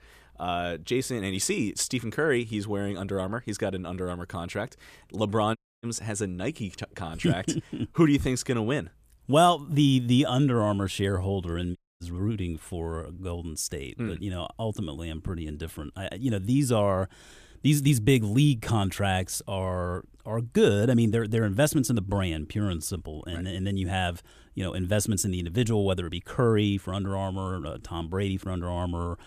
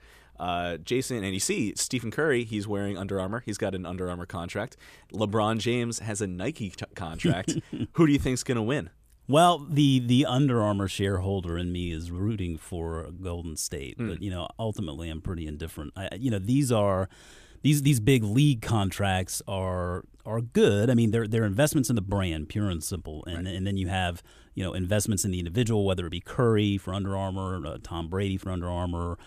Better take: second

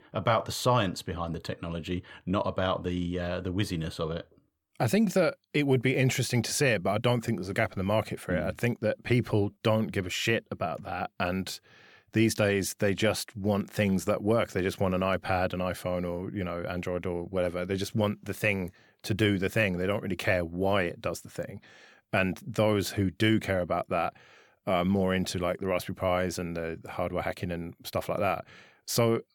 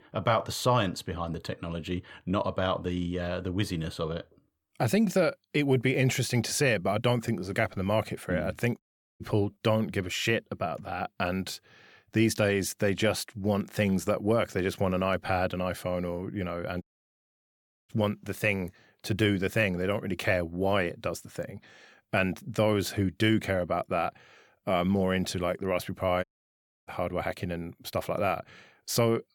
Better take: first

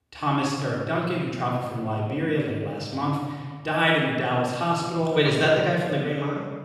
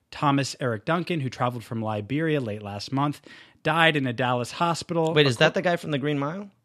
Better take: second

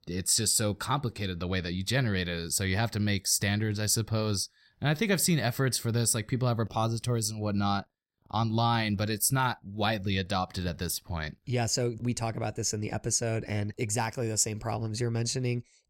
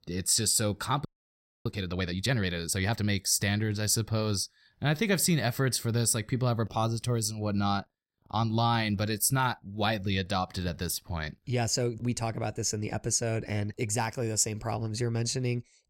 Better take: first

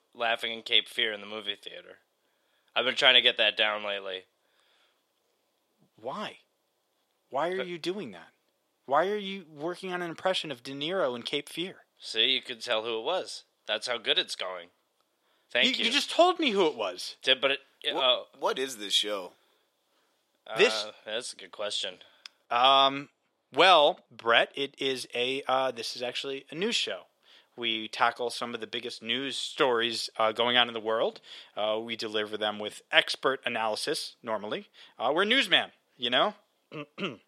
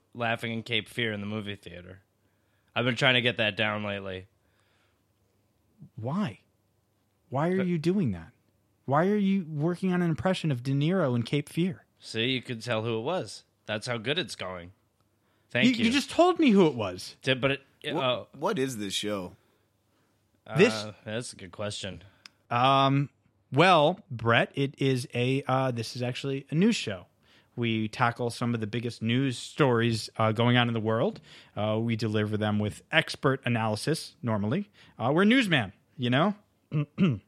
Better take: second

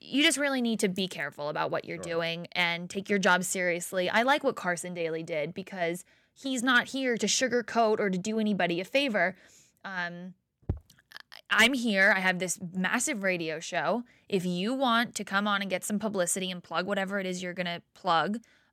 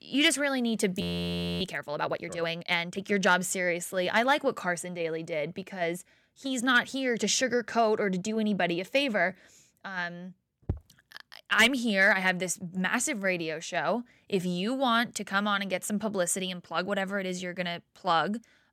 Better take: first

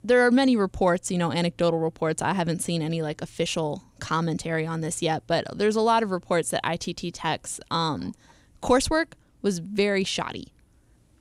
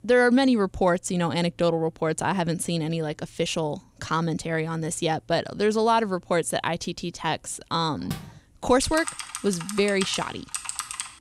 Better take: first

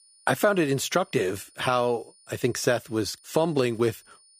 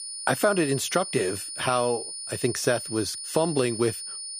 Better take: first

